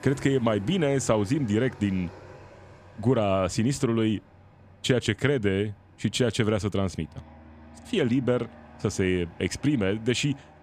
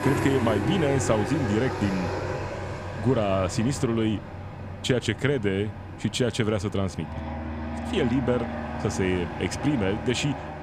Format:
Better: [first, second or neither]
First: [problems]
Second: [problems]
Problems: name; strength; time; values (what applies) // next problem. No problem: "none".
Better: first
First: train or aircraft noise; faint; throughout; 20 dB below the speech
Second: train or aircraft noise; loud; throughout; 6 dB below the speech